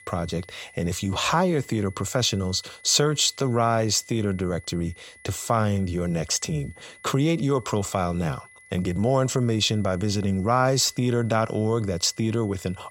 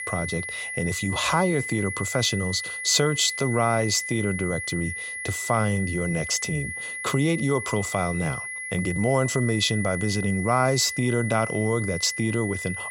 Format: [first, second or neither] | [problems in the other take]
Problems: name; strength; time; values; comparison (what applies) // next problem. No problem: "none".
first | high-pitched whine; loud; throughout; 2 kHz, 6 dB below the speech; faint in the first